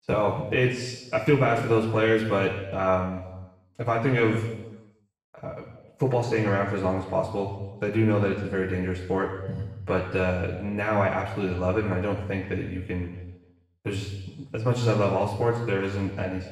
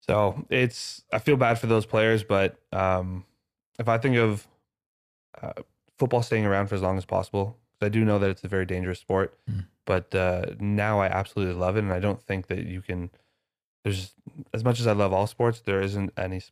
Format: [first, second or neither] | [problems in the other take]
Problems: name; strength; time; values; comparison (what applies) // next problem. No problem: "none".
second | room echo; noticeable; dies away in 1 s // off-mic speech; far